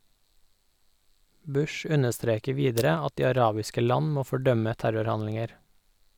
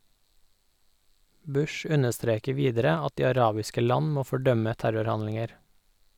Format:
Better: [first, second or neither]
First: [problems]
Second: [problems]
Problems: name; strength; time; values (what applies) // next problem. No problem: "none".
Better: second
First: background sound (Shatter); 18 dB below the speech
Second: none